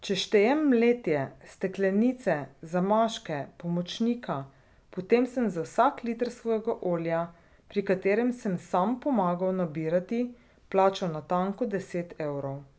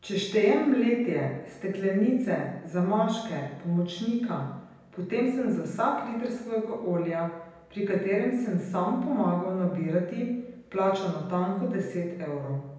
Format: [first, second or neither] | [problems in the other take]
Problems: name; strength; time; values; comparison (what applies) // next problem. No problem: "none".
first | room echo; dies away in 0.9 s